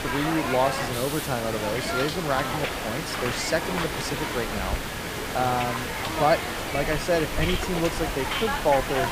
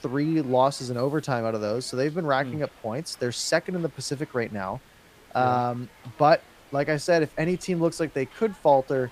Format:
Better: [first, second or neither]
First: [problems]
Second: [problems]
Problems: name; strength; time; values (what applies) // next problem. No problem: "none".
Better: second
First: hiss; loud; throughout; 1 dB below the speech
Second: hiss; faint; throughout; 25 dB below the speech